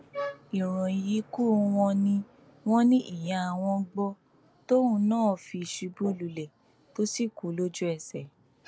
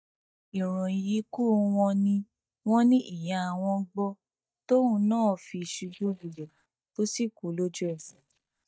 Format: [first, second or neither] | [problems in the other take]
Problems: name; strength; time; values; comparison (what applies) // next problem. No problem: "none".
first | noise reduction (neural mask model DeepFilterNet 3)